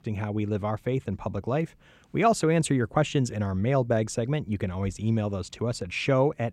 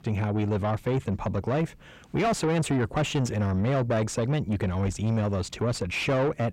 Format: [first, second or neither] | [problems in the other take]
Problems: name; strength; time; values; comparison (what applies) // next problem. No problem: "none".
first | distortion; heavy; 8 dB below the speech